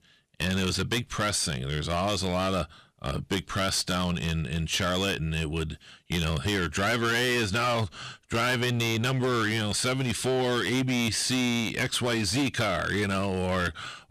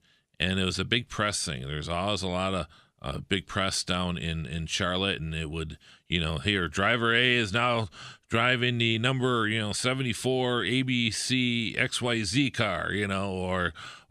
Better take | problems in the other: second | distortion; heavy; 15% of the sound clipped

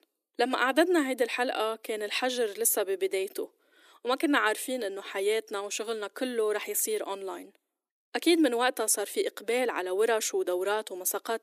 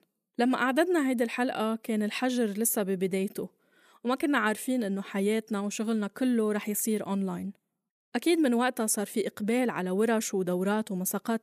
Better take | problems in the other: second | thin; somewhat; fading below 300 Hz

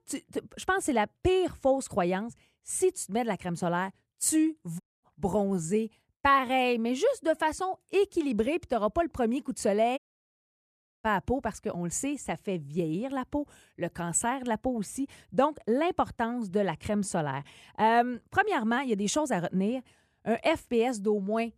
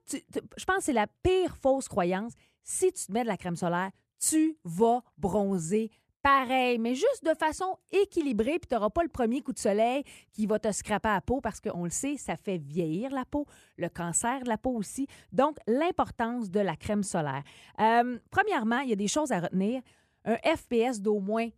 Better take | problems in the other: second | audio cutting out; at 5 s and at 10 s for 1 s

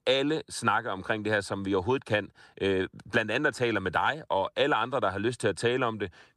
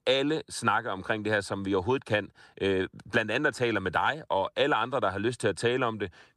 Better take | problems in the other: neither | none

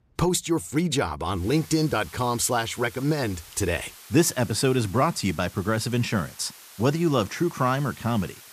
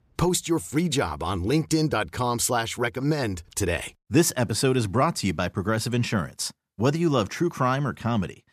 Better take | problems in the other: second | hiss; noticeable; from 1.5 s on; 20 dB below the speech

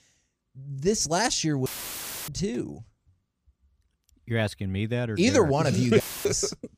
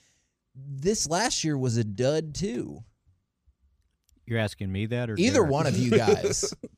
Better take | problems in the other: second | audio cutting out; filled with static; at 1.5 s for 0.5 s and at 6 s

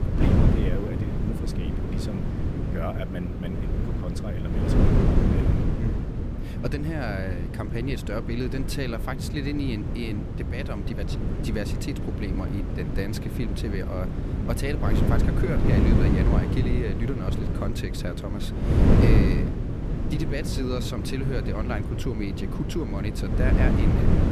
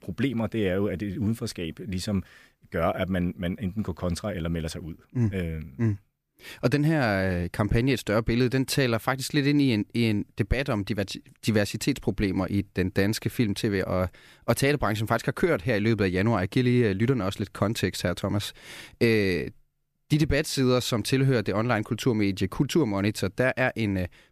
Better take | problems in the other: second | wind noise on the microphone; heavy; 1 dB above the speech

